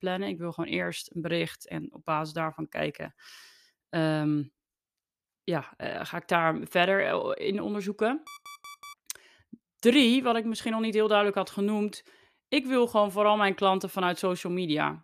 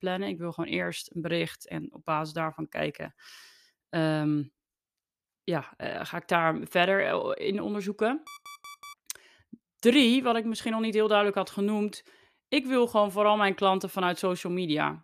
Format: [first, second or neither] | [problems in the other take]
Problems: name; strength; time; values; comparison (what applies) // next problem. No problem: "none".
neither | alarm; faint; at 8.5 s; peak 15 dB below the speech; the same in both